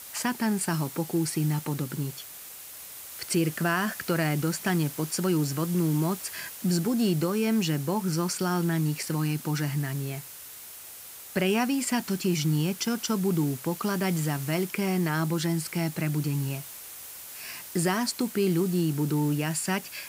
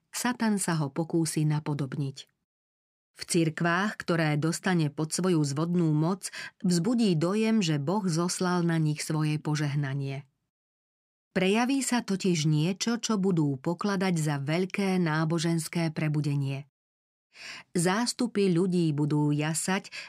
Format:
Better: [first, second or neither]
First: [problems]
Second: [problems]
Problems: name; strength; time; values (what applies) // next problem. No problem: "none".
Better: second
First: hiss; noticeable; throughout; 10 dB below the speech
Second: none